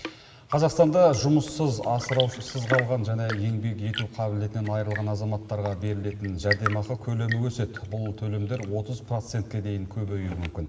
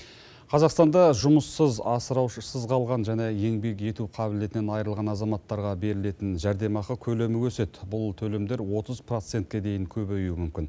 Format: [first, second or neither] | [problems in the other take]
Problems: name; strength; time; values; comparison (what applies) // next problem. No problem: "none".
second | background sound (Tap / Fill (with liquid) / Trickle, dribble / Chirp, tweet / Engine); 12 dB below the speech // room echo; dies away in 2.6 s